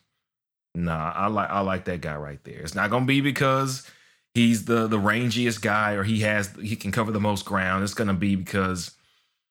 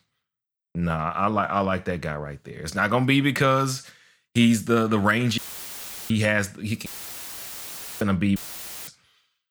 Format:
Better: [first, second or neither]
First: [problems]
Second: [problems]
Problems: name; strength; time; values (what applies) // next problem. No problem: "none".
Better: first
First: none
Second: audio cutting out; filled with static; at 5.5 s for 0.5 s, at 7 s for 1 s and at 8.5 s for 0.5 s